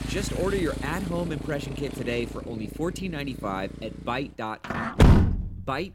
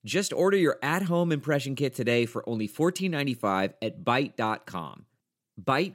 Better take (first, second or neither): second